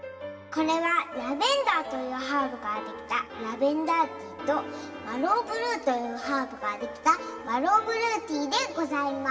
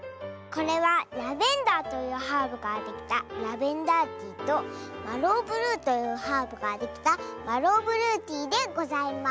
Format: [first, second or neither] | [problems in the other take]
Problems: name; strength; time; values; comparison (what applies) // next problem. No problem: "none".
second | room echo; dies away in 1.7 s